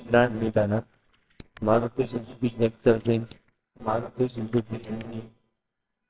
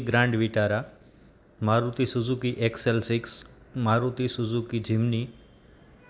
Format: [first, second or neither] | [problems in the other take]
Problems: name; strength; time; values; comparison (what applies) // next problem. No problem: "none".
second | noise reduction (neural separator model SepFormer WHAMR!)